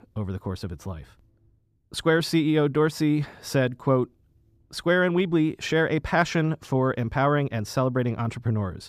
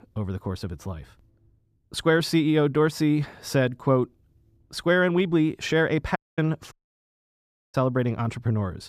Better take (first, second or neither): first